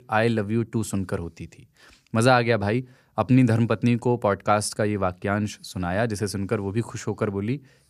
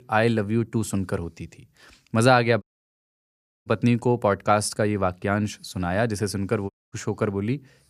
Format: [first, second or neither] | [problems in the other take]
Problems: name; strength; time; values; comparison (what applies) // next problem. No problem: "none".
first | audio cutting out; at 2.5 s for 1 s and at 6.5 s